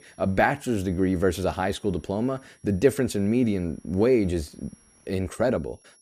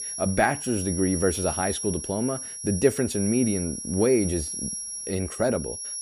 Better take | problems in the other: first | high-pitched whine; loud; throughout; 10.5 kHz, 5 dB below the speech; faint in the first

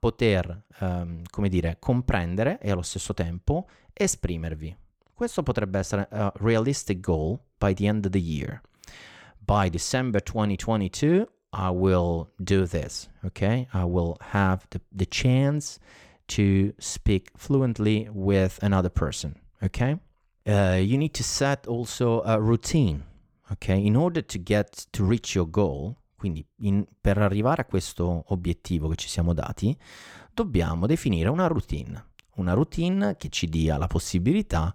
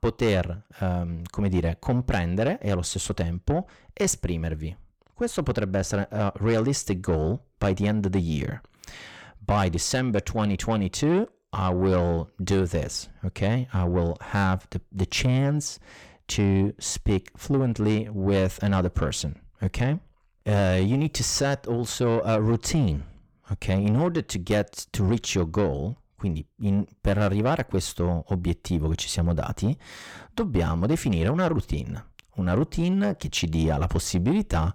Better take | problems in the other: first | distortion; slight; 10 dB below the speech

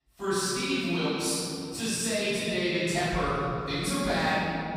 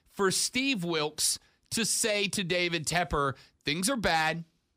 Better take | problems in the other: second | room echo; strong; dies away in 2.9 s // off-mic speech; far

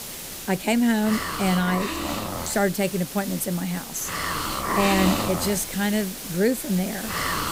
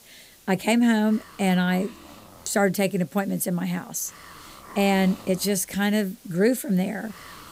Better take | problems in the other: second | hiss; loud; throughout; 4 dB below the speech; faint in the second

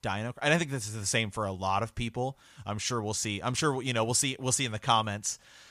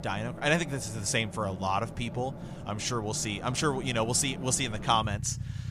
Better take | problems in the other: first | traffic noise; noticeable; throughout; 10 dB below the speech

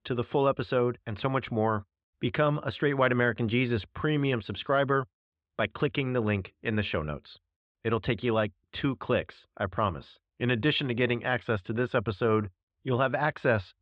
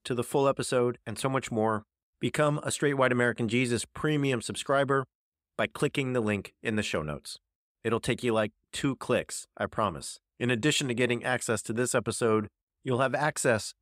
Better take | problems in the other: second | muffled; very; fading above 3.5 kHz

